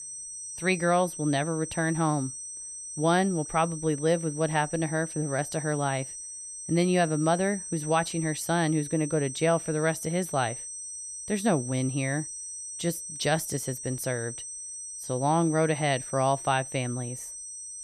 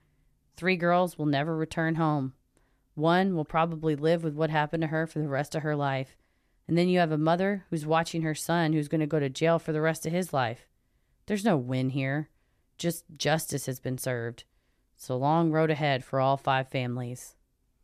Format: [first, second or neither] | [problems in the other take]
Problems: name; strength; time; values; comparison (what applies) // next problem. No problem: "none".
second | high-pitched whine; loud; throughout; 8.5 kHz, 8 dB below the speech